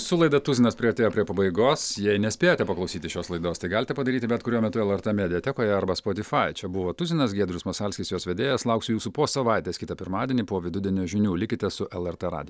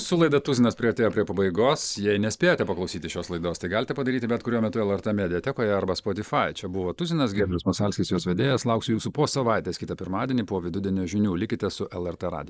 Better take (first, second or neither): first